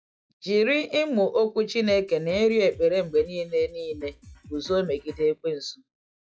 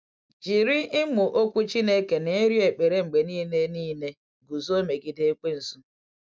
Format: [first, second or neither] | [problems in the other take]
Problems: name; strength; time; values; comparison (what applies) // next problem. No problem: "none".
second | noise reduction (classical method log-MMSE)